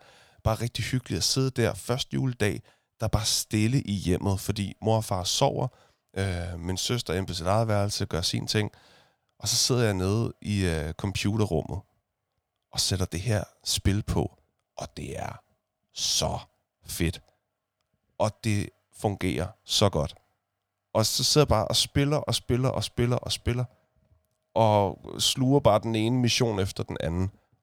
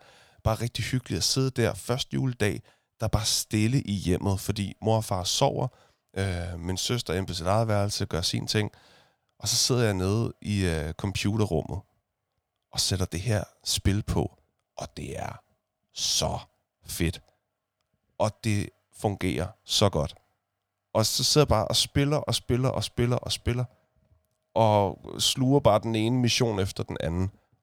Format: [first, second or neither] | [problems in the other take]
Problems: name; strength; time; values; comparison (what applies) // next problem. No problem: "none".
neither | none